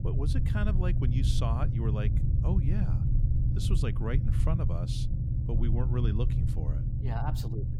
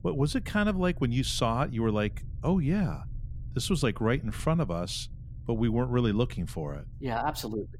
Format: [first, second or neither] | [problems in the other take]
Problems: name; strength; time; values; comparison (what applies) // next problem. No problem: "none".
second | low rumble; loud; throughout; 2 dB below the speech; faint in the second